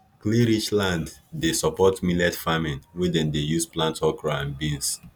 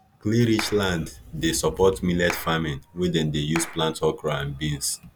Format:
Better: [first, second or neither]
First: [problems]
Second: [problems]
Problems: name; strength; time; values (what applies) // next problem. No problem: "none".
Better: first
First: none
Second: background sound (Animal + Clapping); 14 dB below the speech